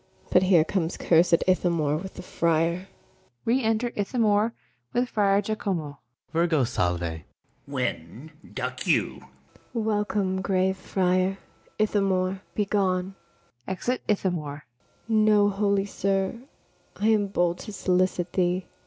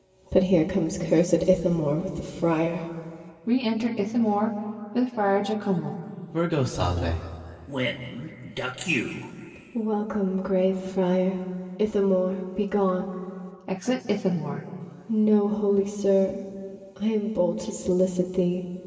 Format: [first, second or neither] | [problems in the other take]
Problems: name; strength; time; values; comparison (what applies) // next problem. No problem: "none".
first | room echo; dies away in 2.2 s